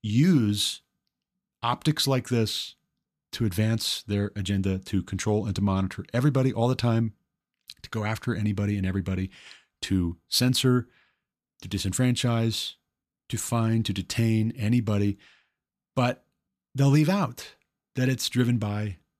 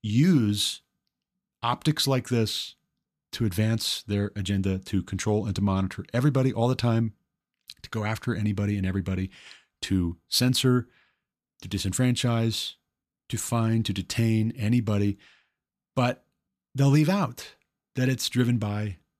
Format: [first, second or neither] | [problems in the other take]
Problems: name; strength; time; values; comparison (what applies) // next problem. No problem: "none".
neither | none